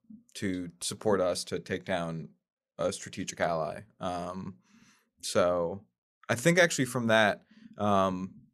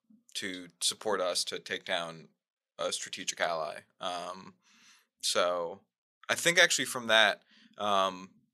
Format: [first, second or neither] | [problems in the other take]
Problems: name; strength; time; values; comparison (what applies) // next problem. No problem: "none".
first | thin; somewhat; fading below 1 kHz